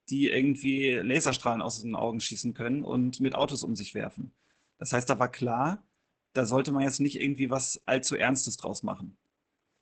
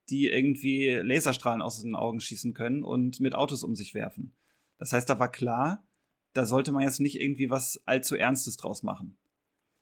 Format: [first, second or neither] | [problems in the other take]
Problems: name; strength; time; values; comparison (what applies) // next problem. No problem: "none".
second | garbled, watery; badly; nothing above 8 kHz; slightly in the second